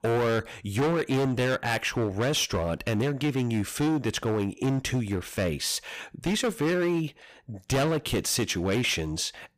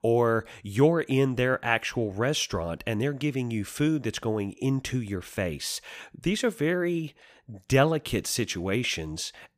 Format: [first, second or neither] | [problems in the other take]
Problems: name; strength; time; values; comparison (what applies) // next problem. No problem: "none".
second | distortion; heavy; 16% of the sound clipped